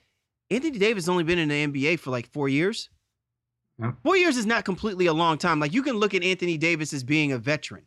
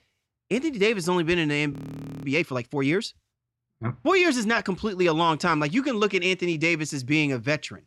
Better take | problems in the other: first | audio freezing; at 1.5 s for 0.5 s

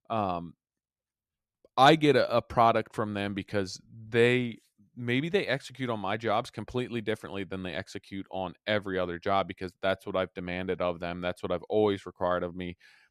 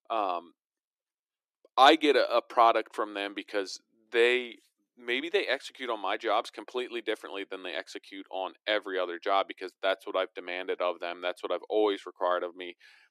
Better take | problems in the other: first | thin; somewhat; fading below 300 Hz

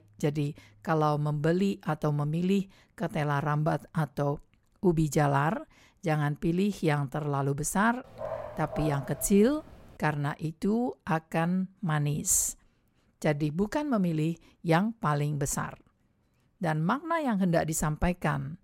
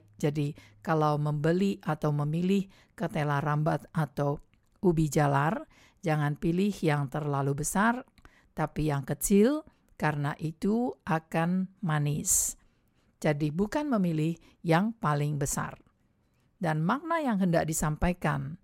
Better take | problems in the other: second | dog barking; noticeable; from 8 to 10 s; peak 8 dB below the speech

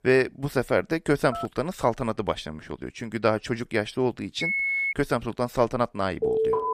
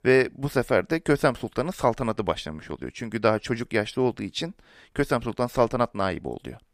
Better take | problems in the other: second | phone ringing; noticeable; at 1.5 s; peak 10 dB below the speech // phone ringing; loud; at 4.5 s; peak 4 dB above the speech // alarm; loud; at 6 s; peak 3 dB above the speech

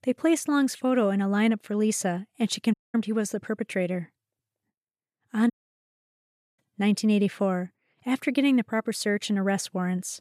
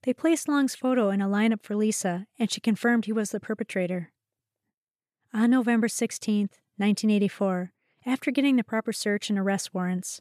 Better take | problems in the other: second | audio cutting out; at 2.5 s and at 5.5 s for 1 s

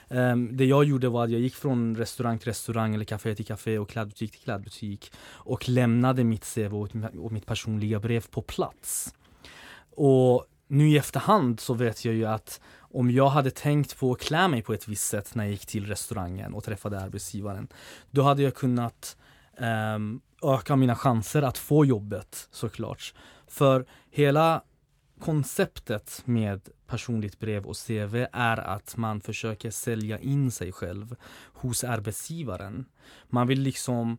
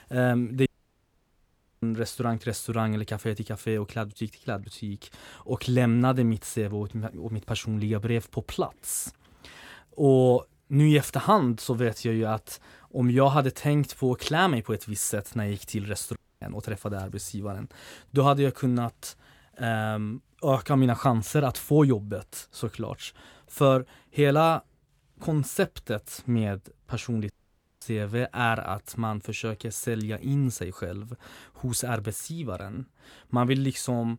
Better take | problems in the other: first | audio cutting out; at 0.5 s for 1 s, at 16 s and at 27 s for 0.5 s

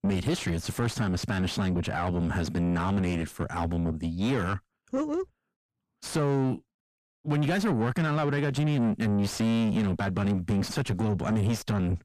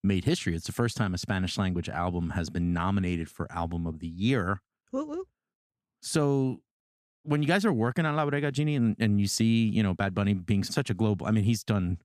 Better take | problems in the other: second | distortion; heavy; 7 dB below the speech

